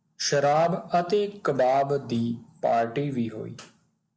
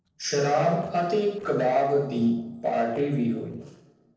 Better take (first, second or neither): first